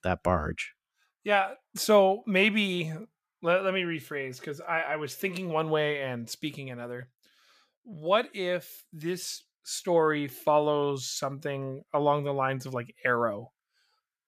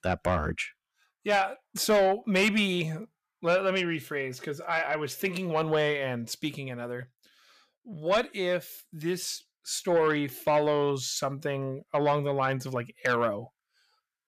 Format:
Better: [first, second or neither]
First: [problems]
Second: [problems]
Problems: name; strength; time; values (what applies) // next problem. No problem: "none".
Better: first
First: none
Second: distortion; slight; 10 dB below the speech